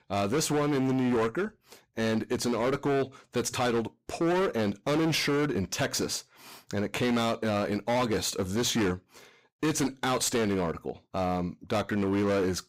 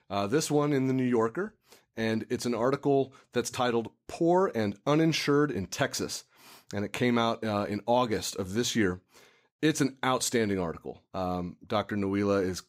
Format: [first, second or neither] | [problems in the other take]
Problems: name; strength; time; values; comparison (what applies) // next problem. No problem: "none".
second | distortion; heavy; 19% of the sound clipped